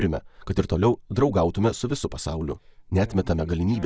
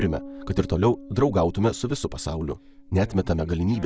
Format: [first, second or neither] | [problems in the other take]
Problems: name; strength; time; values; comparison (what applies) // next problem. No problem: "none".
first | background sound (Bass guitar); 19 dB below the speech